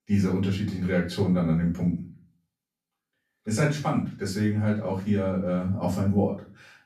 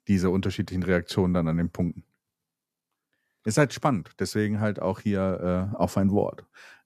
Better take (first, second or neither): second